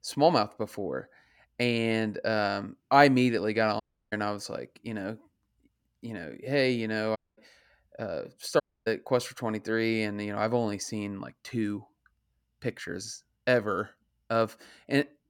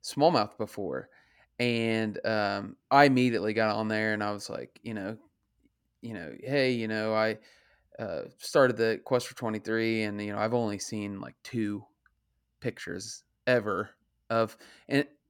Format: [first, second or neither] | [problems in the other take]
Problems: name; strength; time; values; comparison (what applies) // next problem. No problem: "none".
second | audio cutting out; at 4 s, at 7 s and at 8.5 s